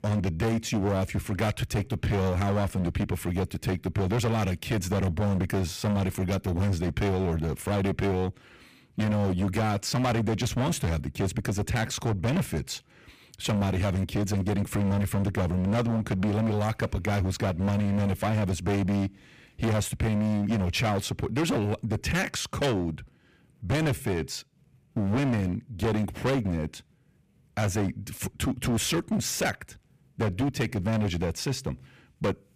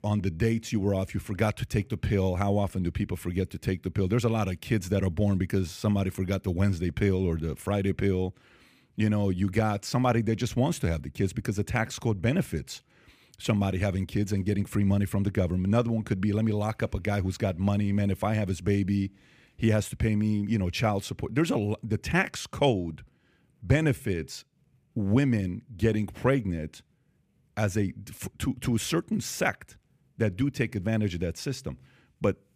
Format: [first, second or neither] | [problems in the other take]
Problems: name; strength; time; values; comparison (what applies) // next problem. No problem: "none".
second | distortion; heavy; 21% of the sound clipped